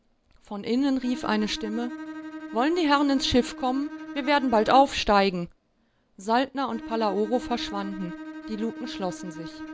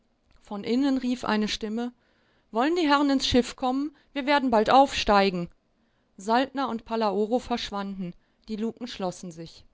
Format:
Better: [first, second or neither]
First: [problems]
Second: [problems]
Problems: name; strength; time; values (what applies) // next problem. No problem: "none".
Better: second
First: background sound (Bowed string instrument); 13 dB below the speech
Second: none